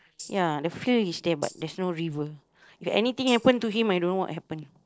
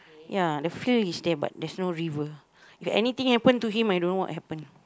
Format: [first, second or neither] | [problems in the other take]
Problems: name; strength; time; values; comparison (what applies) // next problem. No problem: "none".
second | noise reduction (neural separator model SepFormer DNS4)